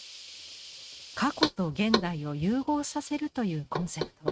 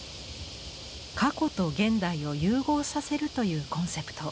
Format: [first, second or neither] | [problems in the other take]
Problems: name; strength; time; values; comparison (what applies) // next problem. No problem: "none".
second | noise reduction (neural mask model RNNoise)